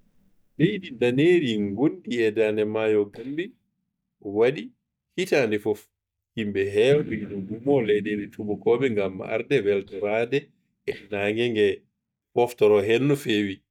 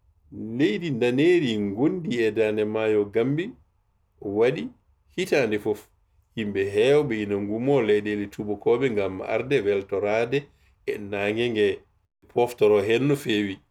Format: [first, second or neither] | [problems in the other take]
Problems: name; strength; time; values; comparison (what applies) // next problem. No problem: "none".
second | noise reduction (neural mask model DeepFilterNet 3)